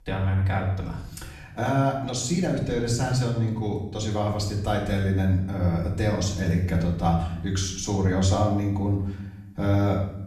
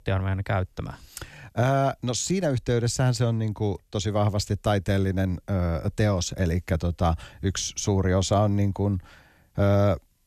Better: second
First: room echo; noticeable; dies away in 0.7 s // off-mic speech; far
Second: none

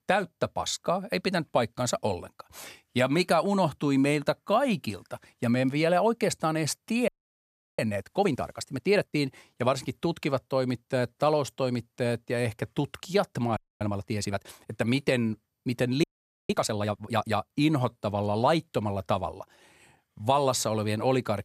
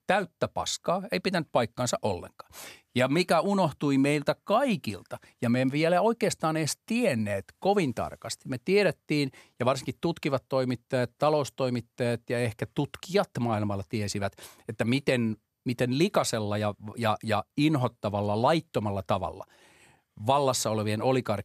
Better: second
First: audio freezing; at 7 s for 0.5 s, at 14 s and at 16 s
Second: none

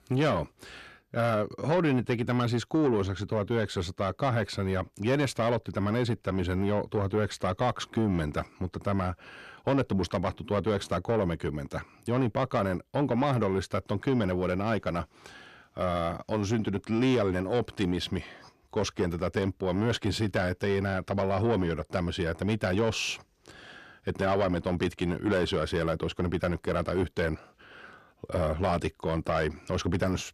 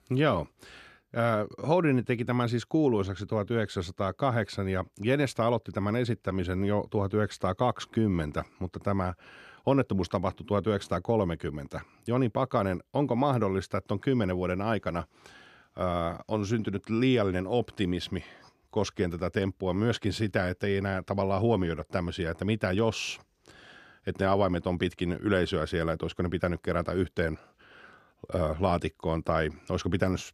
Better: second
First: distortion; slight; 10 dB below the speech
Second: none

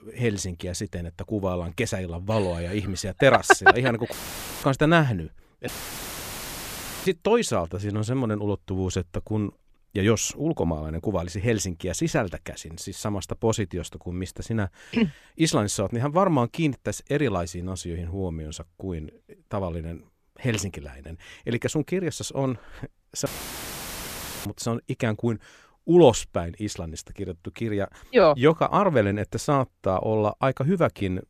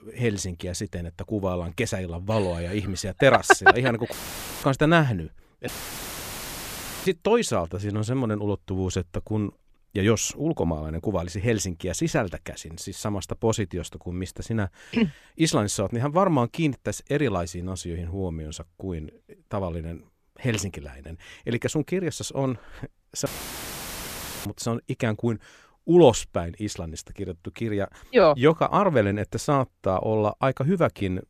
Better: neither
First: audio cutting out; filled with static; at 4 s for 0.5 s, at 5.5 s for 1.5 s and at 23 s for 1 s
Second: audio cutting out; filled with static; at 4 s for 0.5 s, at 5.5 s for 1.5 s and at 23 s for 1 s

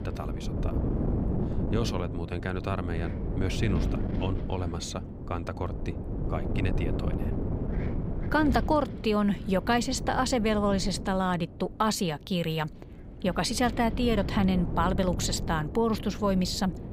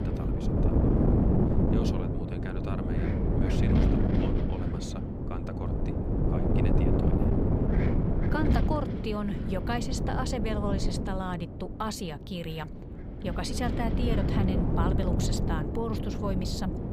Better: first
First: wind noise on the microphone; occasional gusts; 10 dB below the speech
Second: wind noise on the microphone; heavy; 1 dB above the speech

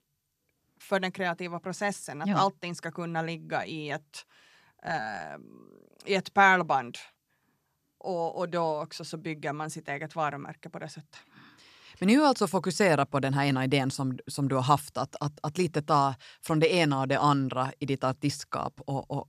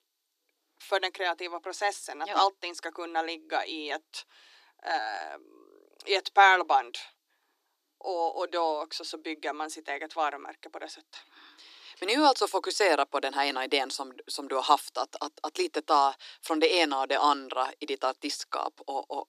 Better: first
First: none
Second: thin; very; fading below 300 Hz

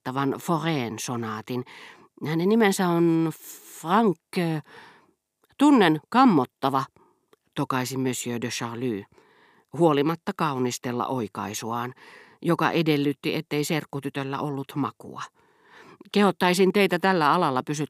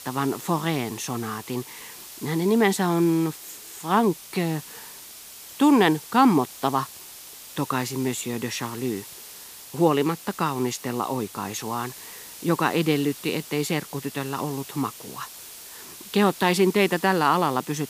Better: first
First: none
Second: hiss; noticeable; throughout; 15 dB below the speech

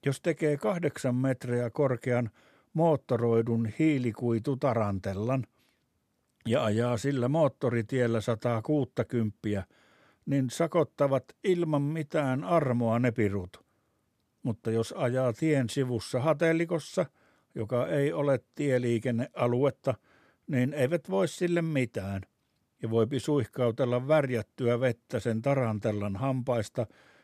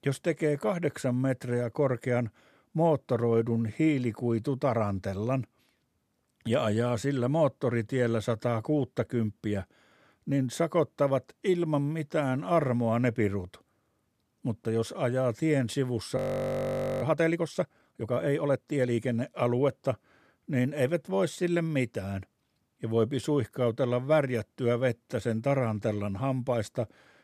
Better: first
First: none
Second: audio freezing; at 16 s for 1 s

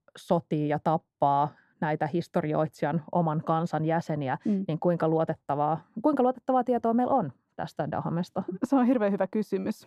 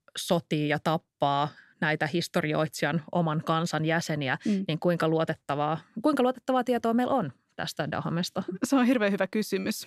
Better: second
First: muffled; very; fading above 1.5 kHz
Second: none

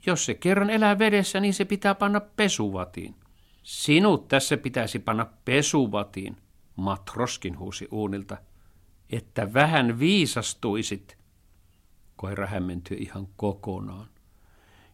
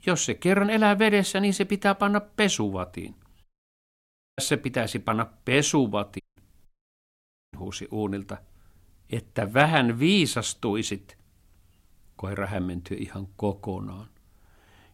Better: first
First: none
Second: audio cutting out; at 3.5 s for 1 s, at 6 s and at 6.5 s for 1 s

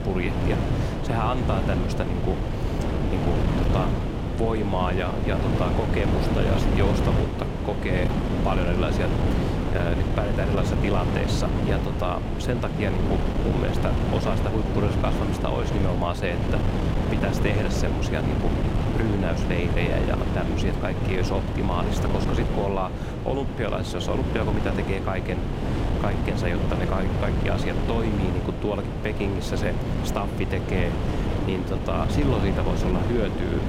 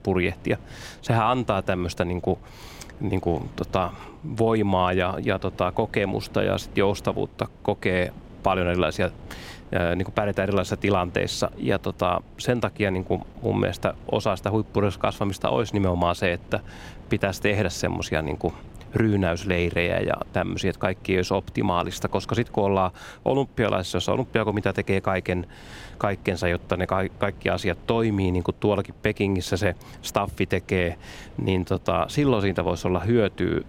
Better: second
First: wind noise on the microphone; heavy; 1 dB below the speech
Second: wind noise on the microphone; occasional gusts; 25 dB below the speech

